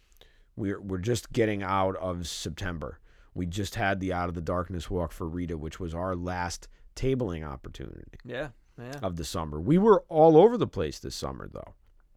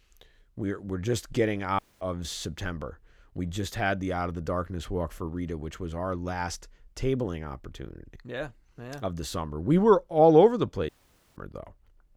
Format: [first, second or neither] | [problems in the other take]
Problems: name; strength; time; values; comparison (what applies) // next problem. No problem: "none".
first | audio cutting out; at 2 s and at 11 s